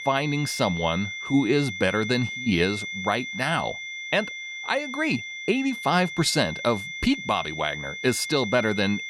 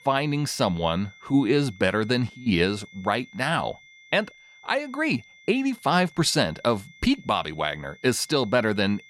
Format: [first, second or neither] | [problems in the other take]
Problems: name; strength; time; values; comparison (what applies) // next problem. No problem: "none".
second | high-pitched whine; loud; throughout; 2 kHz, 7 dB below the speech; faint in the second